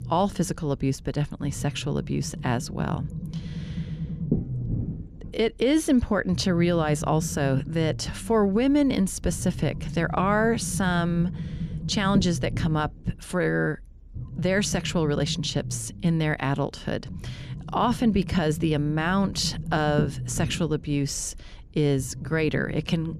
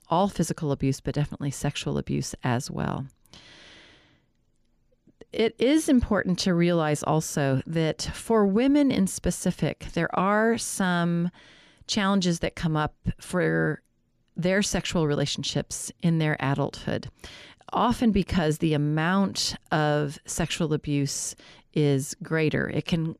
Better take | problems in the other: second | low rumble; noticeable; throughout; 15 dB below the speech

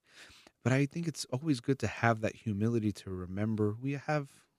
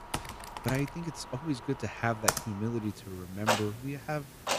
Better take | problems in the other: first | household noises; very loud; throughout; as loud as the speech

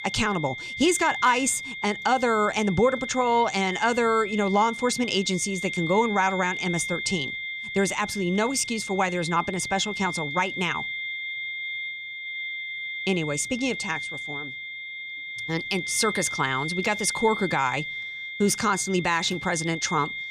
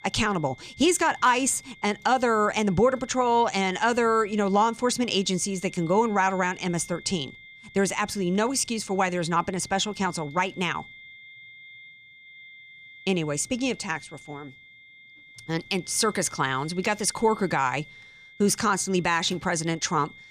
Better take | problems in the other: second | high-pitched whine; loud; throughout; 2 kHz, 6 dB below the speech; faint in the second

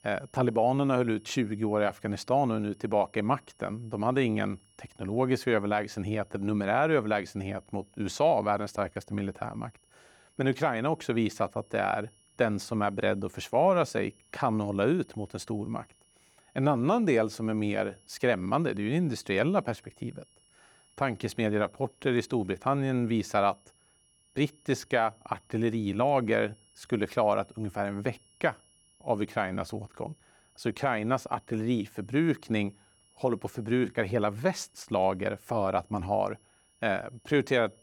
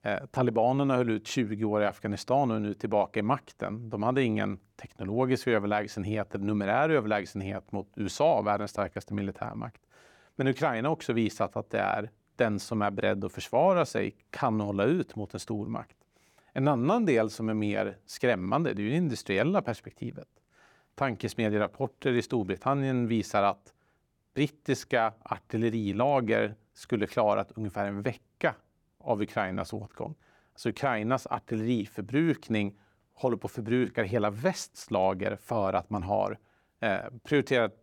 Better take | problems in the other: second | high-pitched whine; faint; throughout; 10.5 kHz, 35 dB below the speech

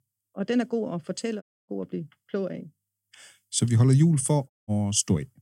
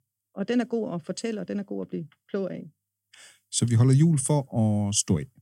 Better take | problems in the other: second | audio cutting out; at 1.5 s and at 4.5 s

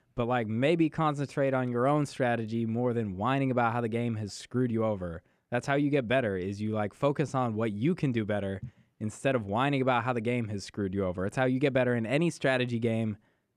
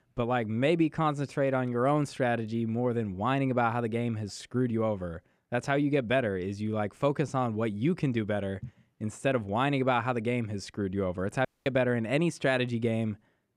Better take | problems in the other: first | audio cutting out; at 11 s

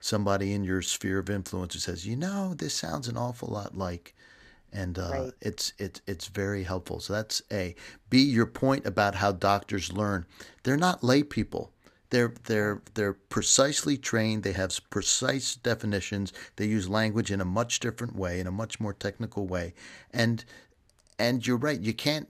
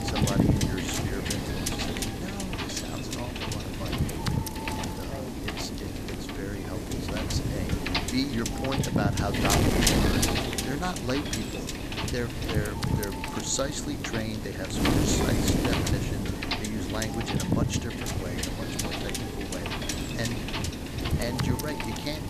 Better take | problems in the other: first | wind noise on the microphone; heavy; 4 dB above the speech

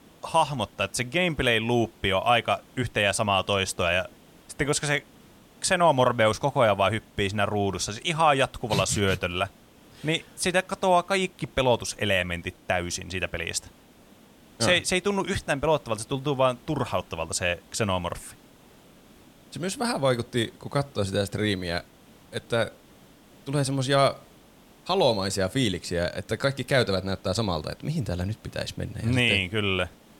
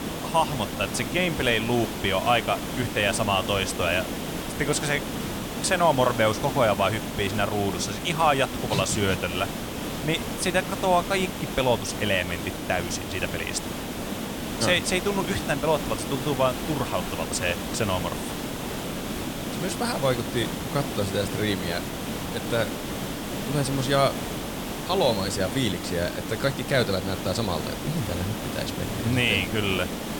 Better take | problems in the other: first | hiss; loud; throughout; 5 dB below the speech; faint in the first

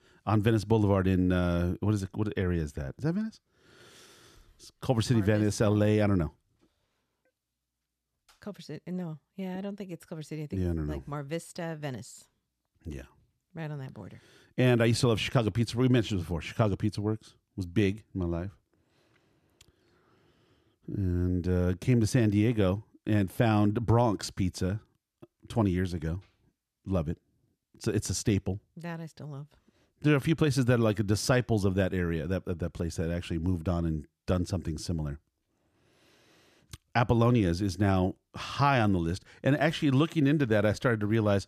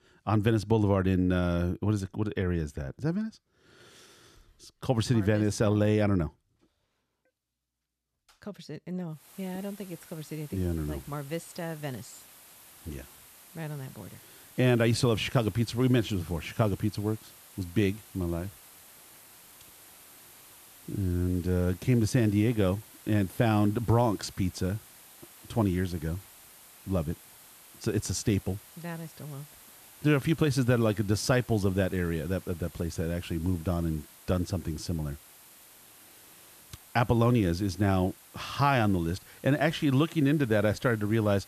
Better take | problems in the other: first | hiss; faint; from 9 s on; 20 dB below the speech

